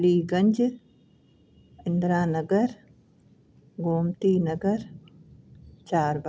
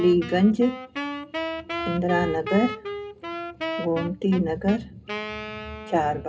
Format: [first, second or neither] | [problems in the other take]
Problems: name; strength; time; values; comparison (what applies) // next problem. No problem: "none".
first | background sound (Wind instrument, woodwind instrument); 8 dB below the speech // room echo; dies away in 0.2 s